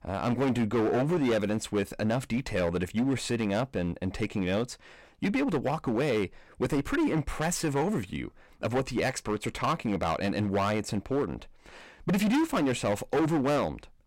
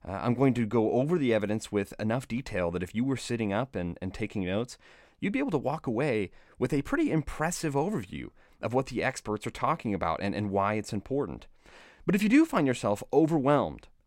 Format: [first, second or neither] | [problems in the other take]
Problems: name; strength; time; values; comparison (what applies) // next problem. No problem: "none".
second | distortion; heavy; 13% of the sound clipped